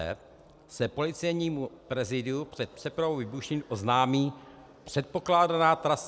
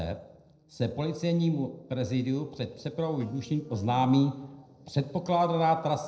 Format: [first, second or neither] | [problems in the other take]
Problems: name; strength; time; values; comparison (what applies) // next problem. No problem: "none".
first | noise reduction (neural separator model SepFormer DNS4)